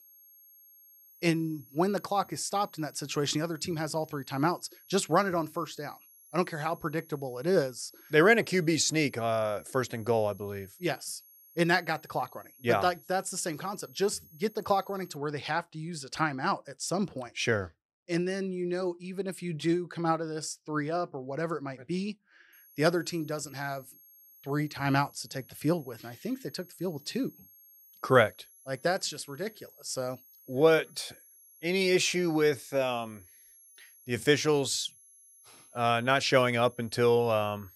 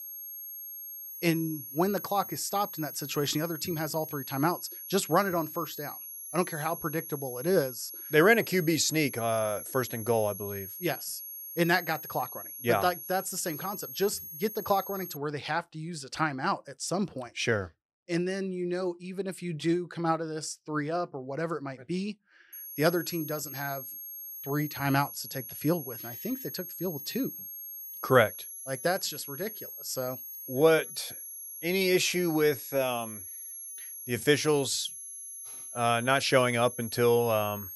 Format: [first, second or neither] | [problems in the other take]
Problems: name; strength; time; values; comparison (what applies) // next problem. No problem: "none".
first | high-pitched whine; loud; until 15 s and from 23 s on; 11.5 kHz, 9 dB below the speech; faint in the first